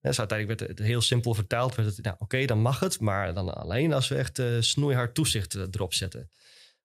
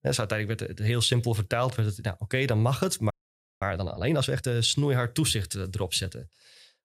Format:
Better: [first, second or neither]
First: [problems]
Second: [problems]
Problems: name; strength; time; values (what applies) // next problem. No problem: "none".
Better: first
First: none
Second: audio freezing; at 3 s for 0.5 s